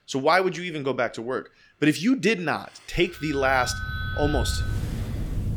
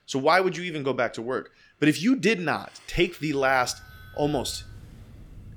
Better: second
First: alarms or sirens; loud; from 3.5 s on; 6 dB below the speech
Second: alarms or sirens; faint; from 3.5 s on; 20 dB below the speech

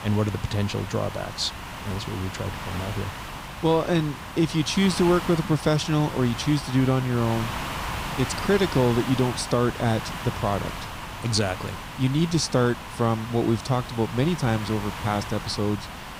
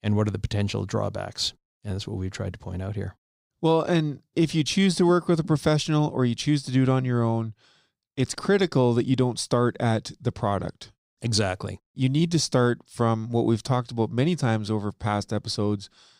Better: second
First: hiss; loud; throughout; 9 dB below the speech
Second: none

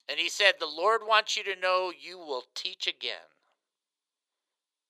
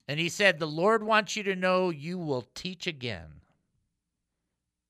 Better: second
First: thin; very; fading below 400 Hz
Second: none

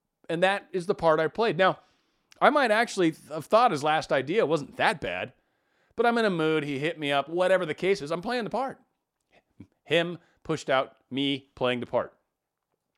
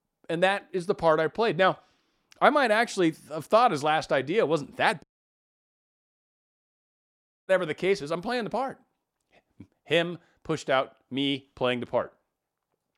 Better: first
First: none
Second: audio cutting out; at 5 s for 2.5 s

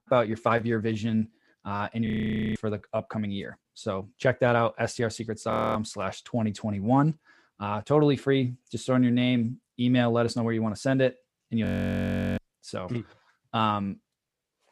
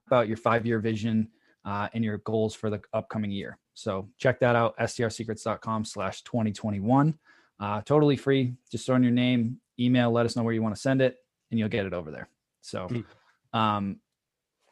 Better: second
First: audio freezing; at 2 s, at 5.5 s and at 12 s for 0.5 s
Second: none

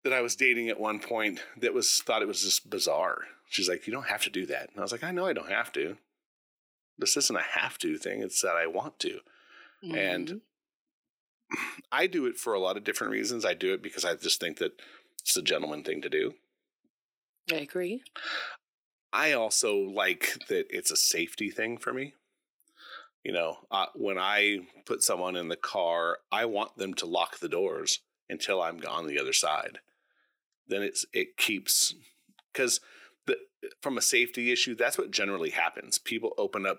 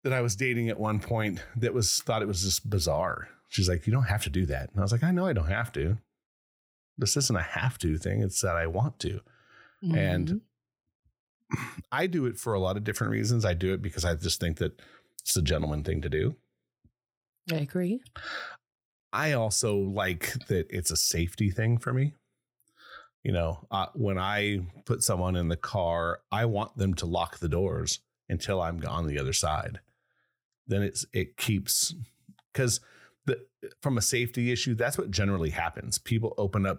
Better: second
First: thin; somewhat; fading below 300 Hz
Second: none

